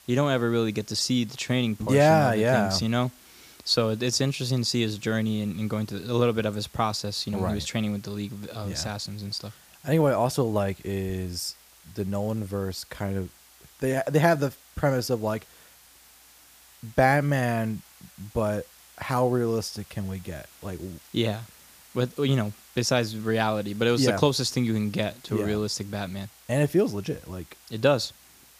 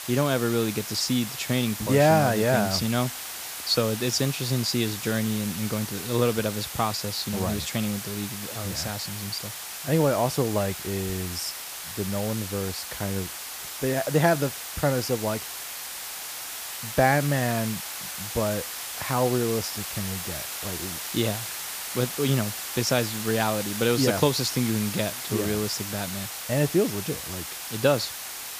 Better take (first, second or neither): first